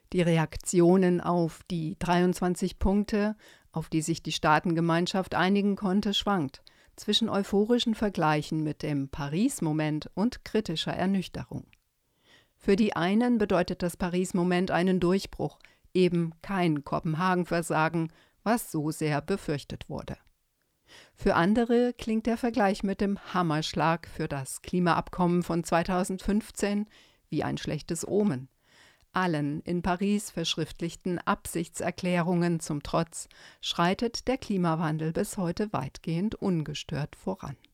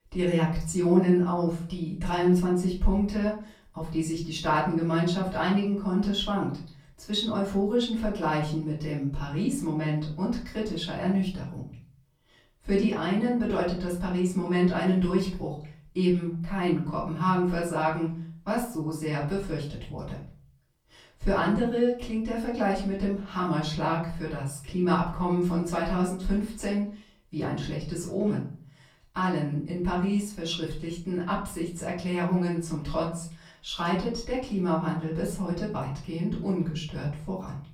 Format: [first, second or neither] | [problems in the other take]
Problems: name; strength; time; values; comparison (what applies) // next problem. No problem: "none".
first | room echo; slight; dies away in 0.5 s // off-mic speech; far